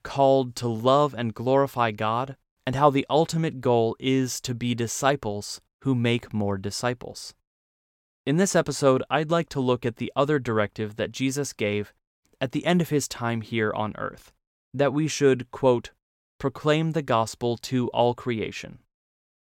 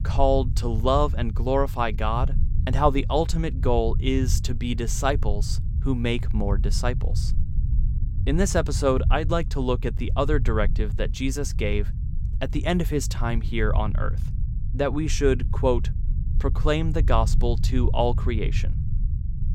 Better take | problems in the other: first | low rumble; noticeable; throughout; 15 dB below the speech

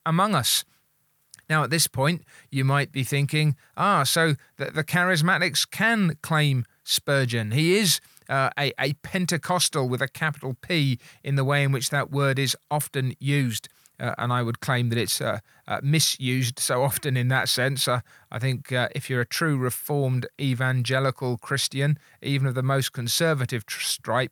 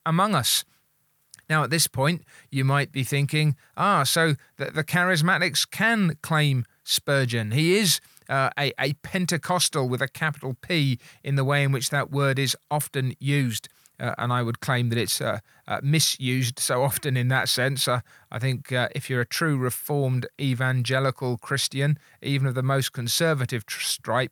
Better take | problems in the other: neither | none

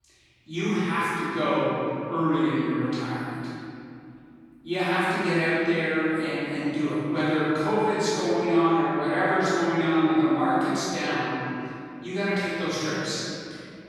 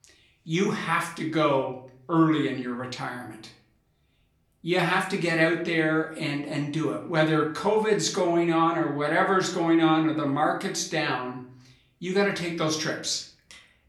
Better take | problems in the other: second | room echo; strong; dies away in 2.6 s; slight in the second // off-mic speech; far; somewhat distant in the second

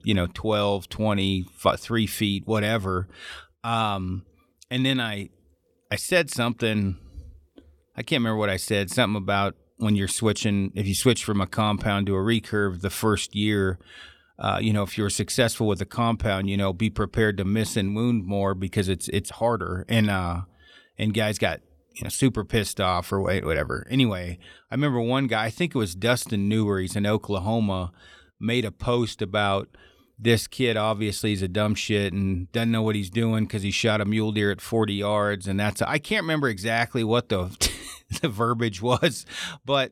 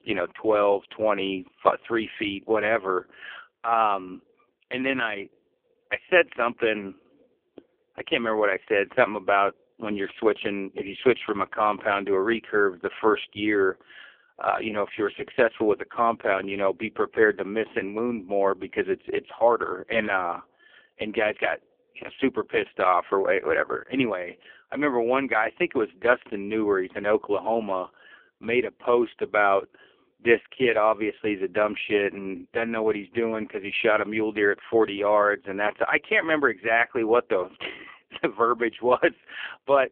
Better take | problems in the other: first | phone-call audio; poor line

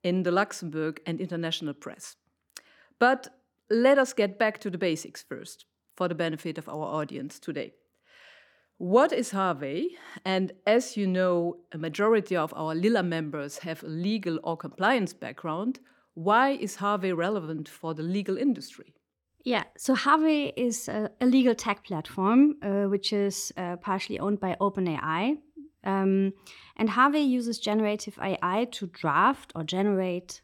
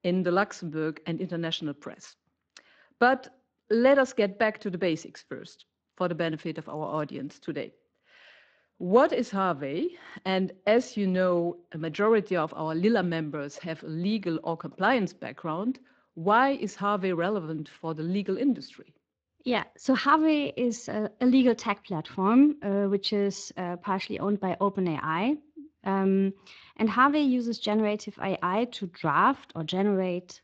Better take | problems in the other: first | garbled, watery; slightly; nothing above 7.5 kHz

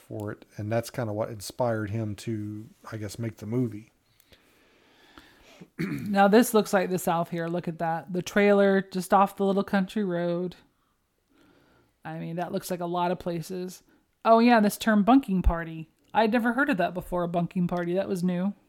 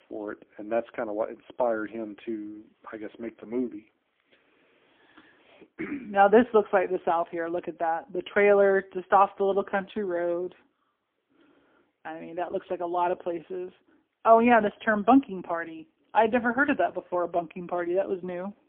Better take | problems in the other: first | phone-call audio; poor line; nothing above 3.5 kHz

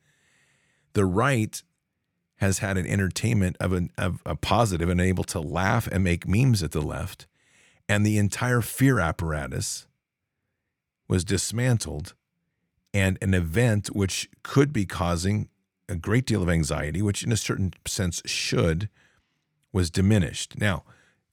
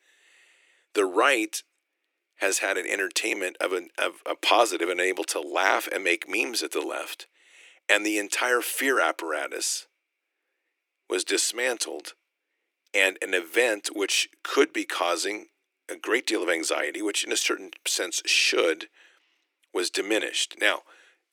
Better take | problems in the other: first | thin; very; fading below 300 Hz

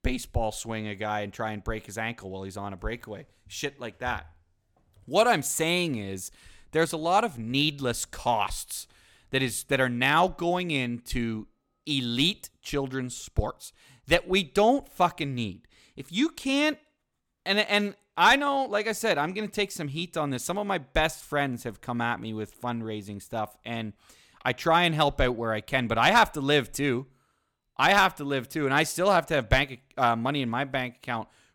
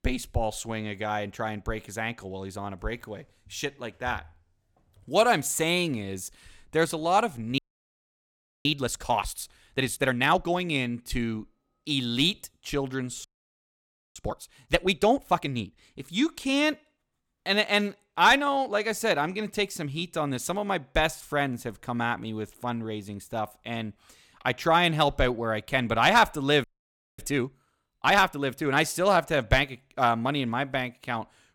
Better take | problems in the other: first | audio freezing; at 7.5 s for 1 s, at 13 s for 1 s and at 27 s for 0.5 s

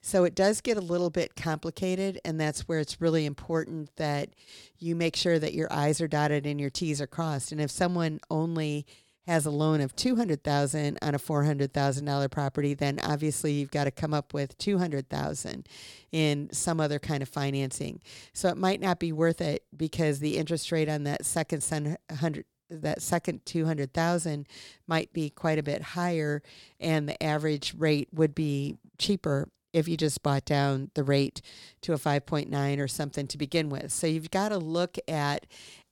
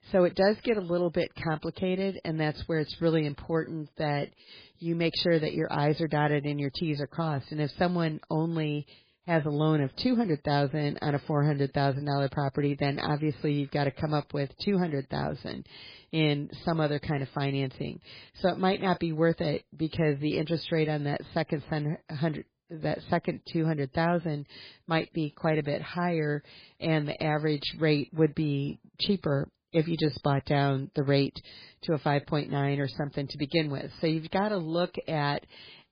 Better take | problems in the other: first | garbled, watery; badly

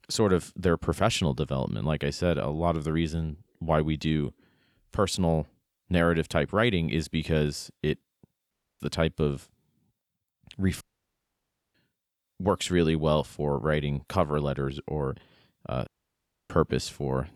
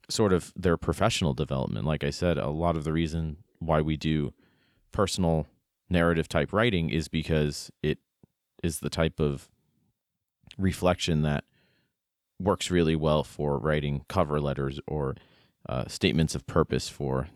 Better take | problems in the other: second | audio cutting out; at 8.5 s, at 11 s for 1 s and at 16 s for 0.5 s

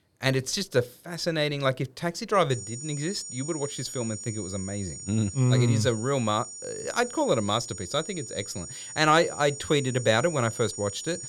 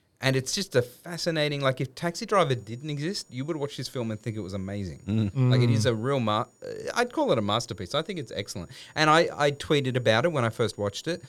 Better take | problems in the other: second | high-pitched whine; loud; from 2.5 s on; 7 kHz, 10 dB below the speech; faint in the second

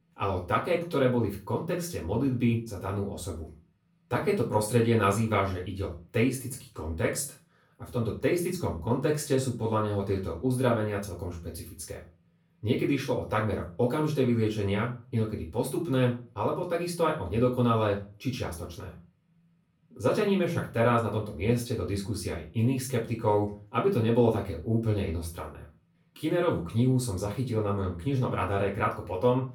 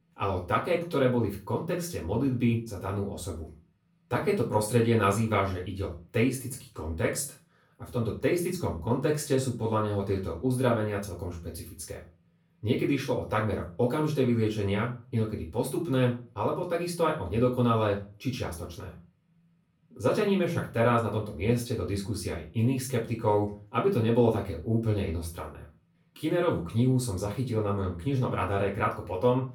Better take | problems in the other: neither | off-mic speech; far; the same in both // room echo; slight; dies away in 0.3 s; the same in both

